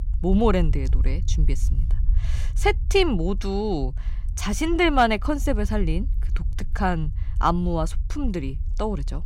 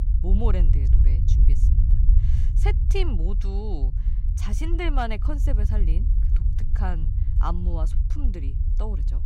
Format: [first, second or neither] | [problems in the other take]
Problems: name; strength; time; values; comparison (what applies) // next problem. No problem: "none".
first | low rumble; loud; throughout; 8 dB below the speech; faint in the first